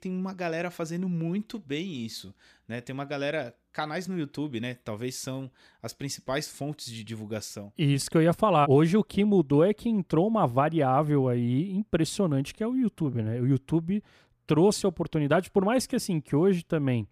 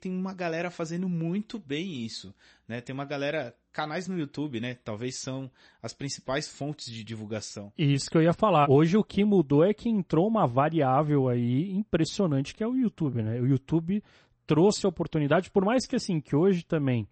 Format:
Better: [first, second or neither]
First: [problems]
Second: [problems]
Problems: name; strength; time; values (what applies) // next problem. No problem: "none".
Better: first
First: none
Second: garbled, watery; slightly; nothing above 8 kHz